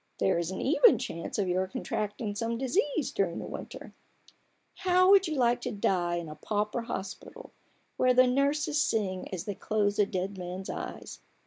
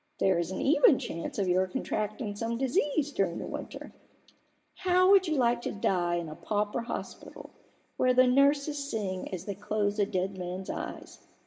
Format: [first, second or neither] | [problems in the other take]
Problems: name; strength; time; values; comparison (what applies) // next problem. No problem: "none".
first | room echo; dies away in 1.2 s